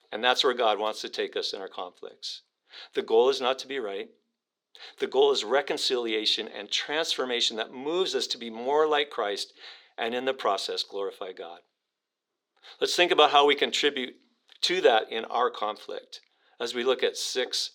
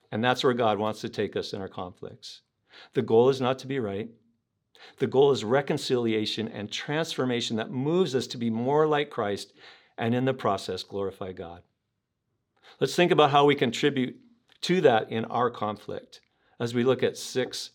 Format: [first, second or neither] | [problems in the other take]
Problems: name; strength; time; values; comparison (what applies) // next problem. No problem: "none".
second | thin; somewhat; fading below 350 Hz